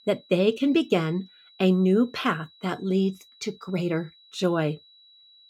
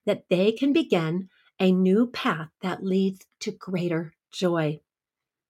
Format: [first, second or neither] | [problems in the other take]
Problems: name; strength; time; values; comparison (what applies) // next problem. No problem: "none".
second | high-pitched whine; faint; throughout; 4 kHz, 25 dB below the speech